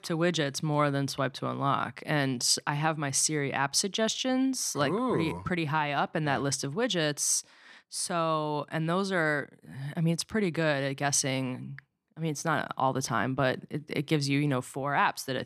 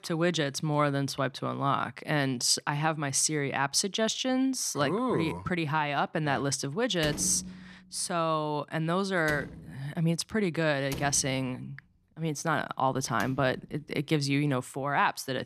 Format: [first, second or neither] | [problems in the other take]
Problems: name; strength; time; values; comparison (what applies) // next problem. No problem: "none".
first | door banging; noticeable; from 7 to 14 s; peak 8 dB below the speech